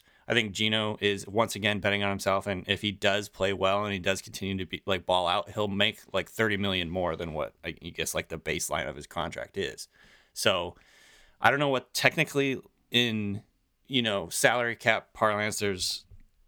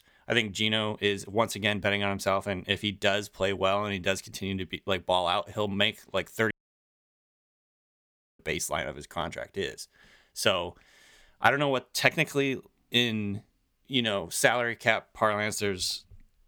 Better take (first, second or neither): first